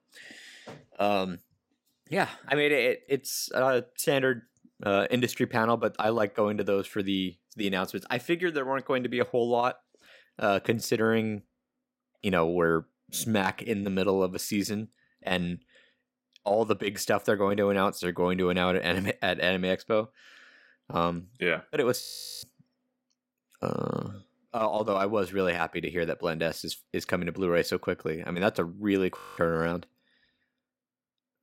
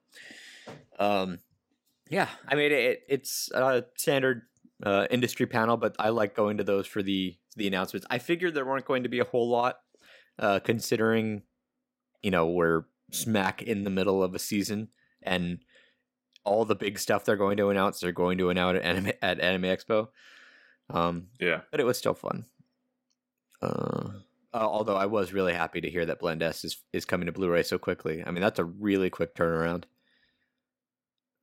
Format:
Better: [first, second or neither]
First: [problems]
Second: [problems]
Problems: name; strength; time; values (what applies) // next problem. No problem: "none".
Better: second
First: audio freezing; at 22 s and at 29 s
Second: none